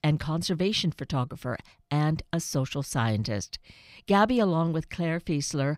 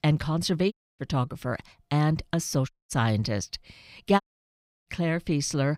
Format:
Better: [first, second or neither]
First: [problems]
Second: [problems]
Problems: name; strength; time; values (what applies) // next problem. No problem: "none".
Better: first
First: none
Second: audio cutting out; at 0.5 s, at 2.5 s and at 4 s for 0.5 s